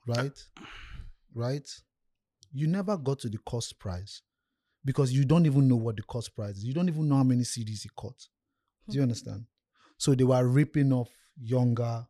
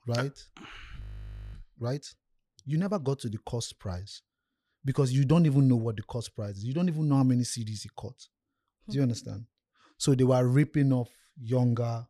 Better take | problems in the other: first | audio freezing; at 1 s for 0.5 s

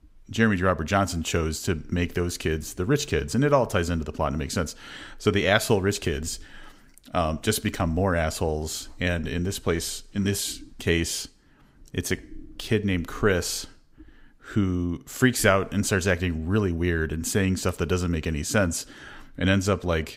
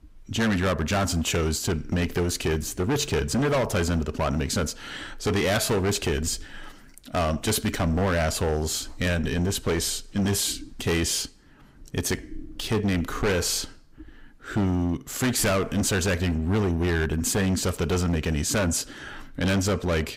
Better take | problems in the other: first | distortion; heavy; 16% of the sound clipped

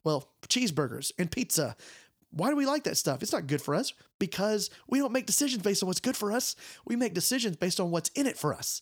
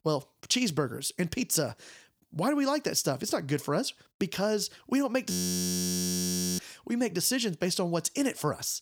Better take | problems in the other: first | audio freezing; at 5.5 s for 1.5 s

